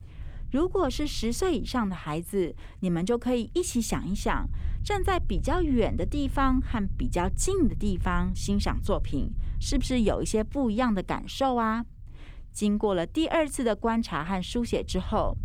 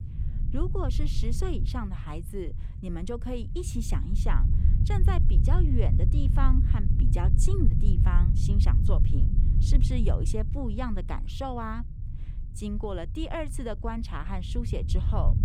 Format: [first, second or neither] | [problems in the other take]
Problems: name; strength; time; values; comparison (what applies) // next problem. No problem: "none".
first | low rumble; loud; throughout; 6 dB below the speech; faint in the first